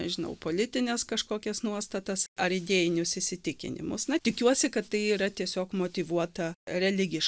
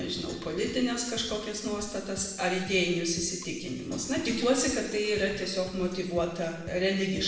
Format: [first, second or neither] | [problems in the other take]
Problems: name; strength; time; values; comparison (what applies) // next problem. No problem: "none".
first | background sound (Percussion); 18 dB below the speech // room echo; dies away in 1.1 s